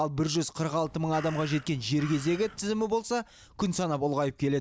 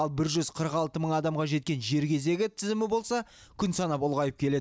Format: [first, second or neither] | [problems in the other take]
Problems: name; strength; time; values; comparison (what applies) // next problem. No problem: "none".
second | background sound (Crow); 17 dB below the speech